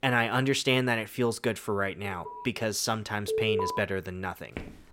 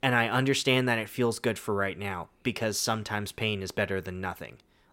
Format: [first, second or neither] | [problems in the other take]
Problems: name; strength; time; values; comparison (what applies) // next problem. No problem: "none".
second | alarm; faint; at 2 s; peak 15 dB below the speech // alarm; loud; at 3.5 s; peak 1 dB above the speech // footsteps; faint; at 4.5 s; peak 15 dB below the speech